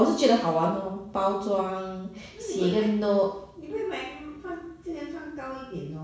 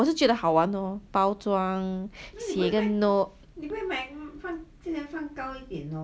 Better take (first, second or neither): second